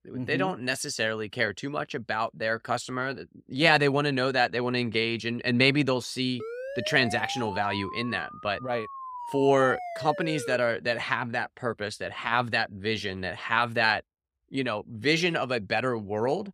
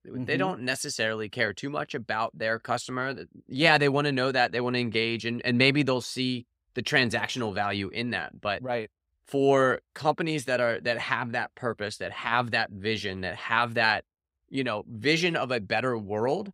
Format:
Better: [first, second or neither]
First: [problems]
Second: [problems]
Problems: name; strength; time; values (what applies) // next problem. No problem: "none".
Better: second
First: siren; noticeable; from 6.5 to 11 s; peak 9 dB below the speech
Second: none